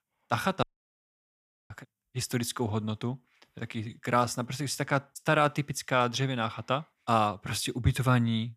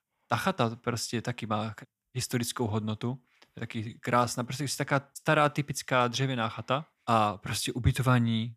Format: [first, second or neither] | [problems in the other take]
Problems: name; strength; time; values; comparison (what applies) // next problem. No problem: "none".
second | audio cutting out; at 0.5 s for 1 s